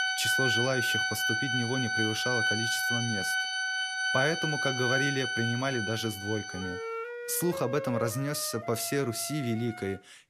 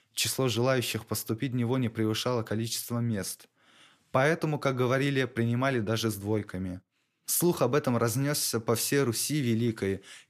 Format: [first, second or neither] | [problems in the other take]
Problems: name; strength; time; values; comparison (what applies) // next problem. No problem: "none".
second | background music; very loud; throughout; 2 dB above the speech